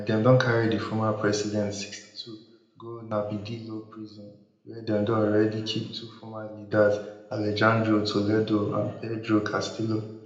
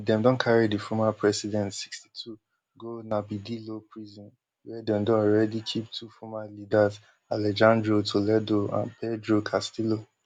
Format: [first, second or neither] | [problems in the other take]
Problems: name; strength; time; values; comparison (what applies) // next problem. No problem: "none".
second | room echo; dies away in 0.7 s